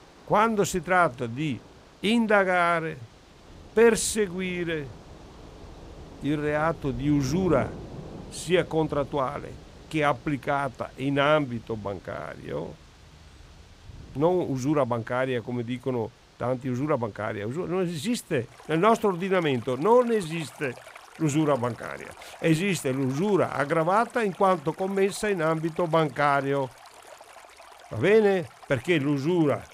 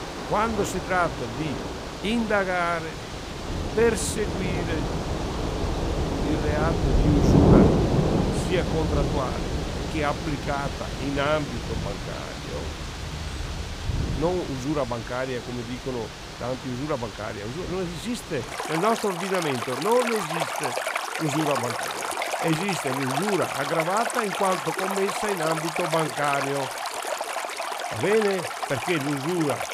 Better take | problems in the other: first | rain or running water; loud; throughout; as loud as the speech; faint in the first

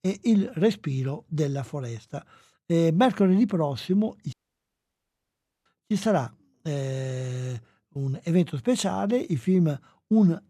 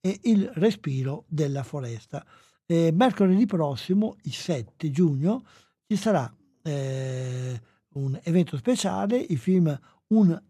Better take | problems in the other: second | audio cutting out; at 4.5 s for 1.5 s

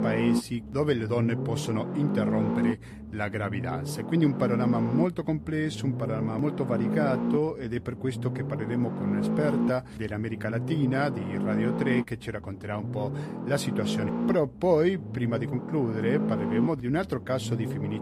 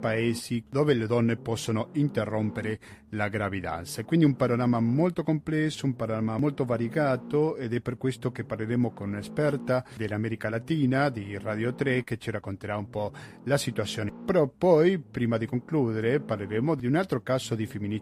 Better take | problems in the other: second | low rumble; loud; throughout; 4 dB below the speech; faint in the second

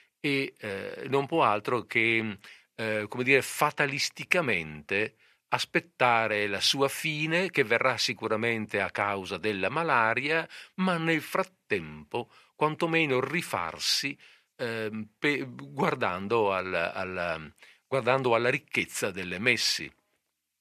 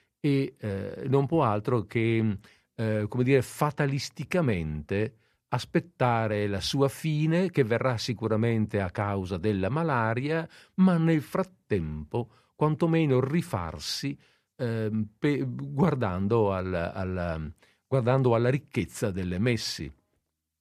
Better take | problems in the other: second | thin; somewhat; fading below 850 Hz

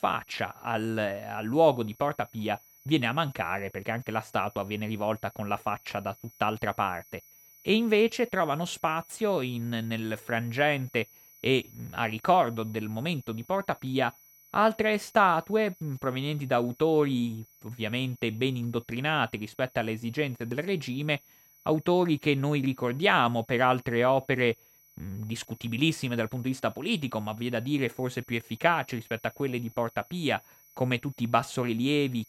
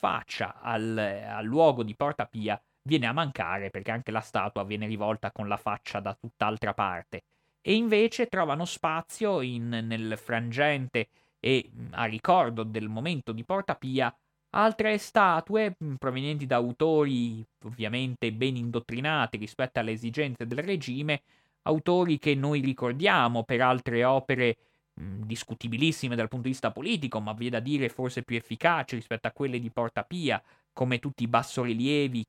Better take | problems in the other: second | high-pitched whine; faint; throughout; 11.5 kHz, 25 dB below the speech

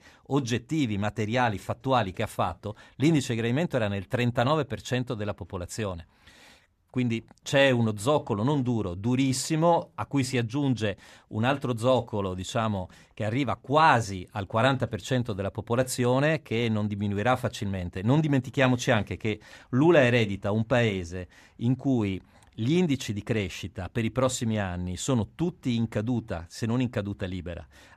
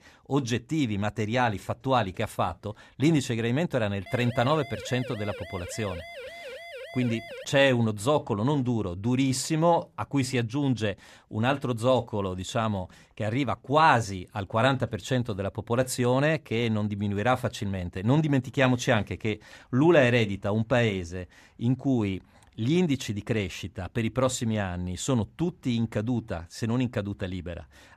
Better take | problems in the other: first | siren; faint; from 4 to 7.5 s; peak 15 dB below the speech

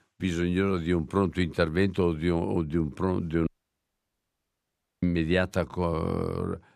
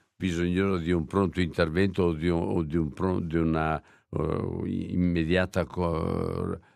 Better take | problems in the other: second | audio cutting out; at 3.5 s for 1.5 s

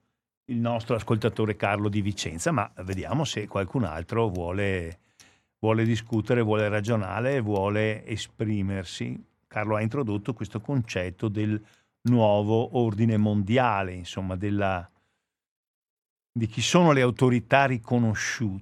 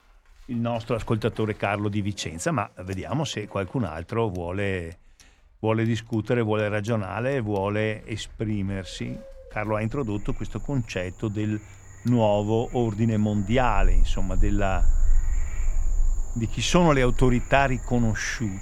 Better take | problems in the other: first | animal sounds; loud; throughout; 7 dB below the speech

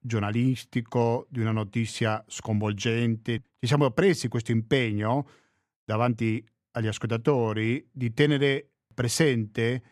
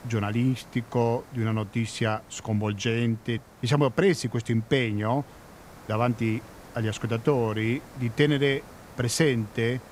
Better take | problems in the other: first | hiss; faint; throughout; 20 dB below the speech

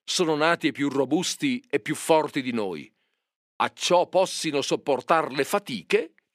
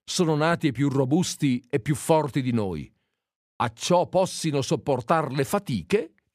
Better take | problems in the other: second | thin; very slightly; fading below 300 Hz

